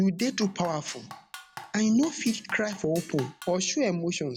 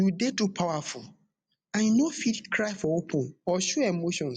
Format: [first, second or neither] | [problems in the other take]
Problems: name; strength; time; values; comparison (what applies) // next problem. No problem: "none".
second | background sound (Drum kit); 18 dB below the speech